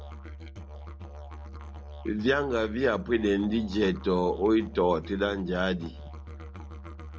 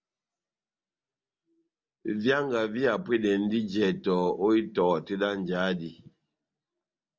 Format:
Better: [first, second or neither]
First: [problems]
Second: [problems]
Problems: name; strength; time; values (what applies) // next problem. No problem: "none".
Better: second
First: background sound (Musical instrument); 12 dB below the speech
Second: none